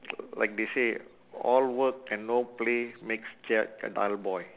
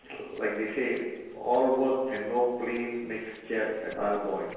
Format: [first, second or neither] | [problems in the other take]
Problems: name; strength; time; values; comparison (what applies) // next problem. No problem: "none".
first | noise reduction (neural separator model SepFormer DNS4)